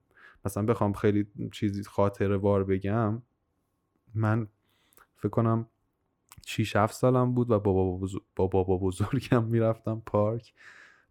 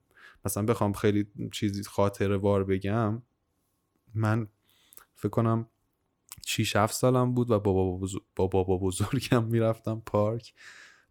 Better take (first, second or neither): second